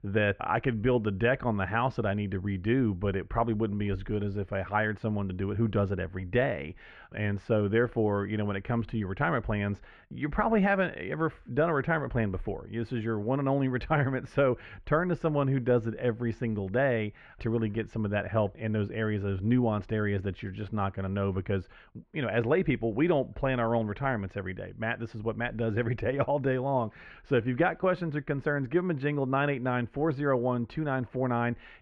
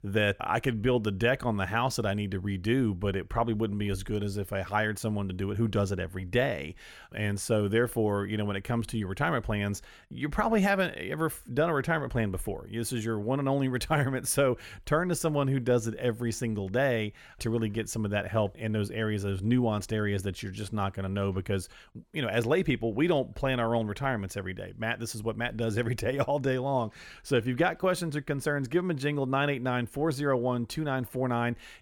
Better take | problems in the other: second | muffled; very; fading above 2.5 kHz

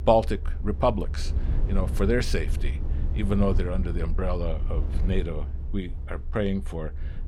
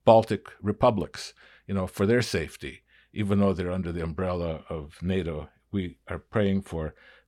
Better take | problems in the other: second | low rumble; noticeable; throughout; 15 dB below the speech

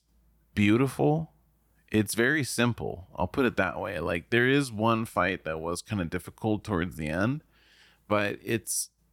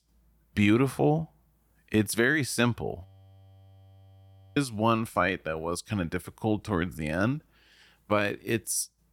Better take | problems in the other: first | audio freezing; at 3 s for 1.5 s

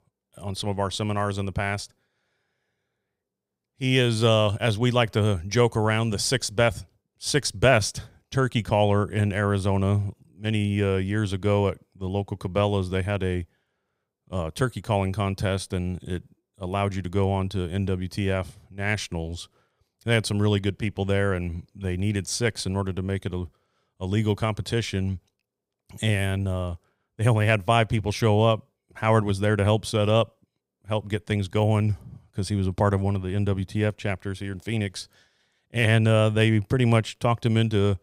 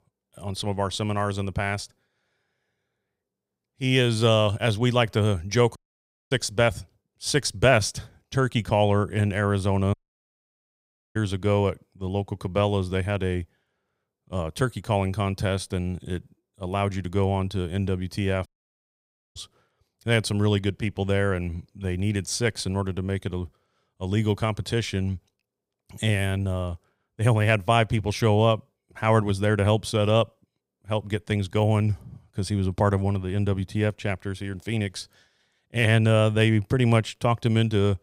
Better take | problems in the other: first | audio cutting out; at 6 s for 0.5 s, at 10 s for 1 s and at 18 s for 1 s

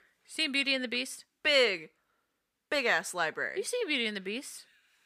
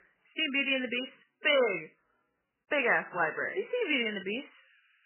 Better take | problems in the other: first | garbled, watery; badly; nothing above 3 kHz

